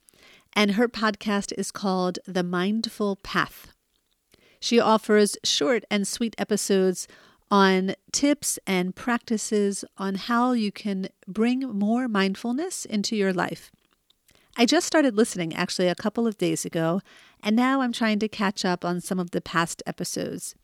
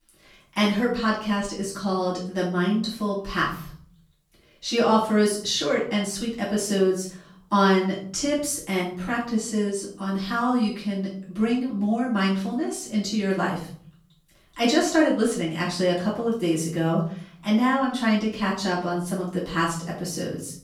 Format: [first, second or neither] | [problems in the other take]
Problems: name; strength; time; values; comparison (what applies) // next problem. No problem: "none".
first | off-mic speech; far // room echo; noticeable; dies away in 0.6 s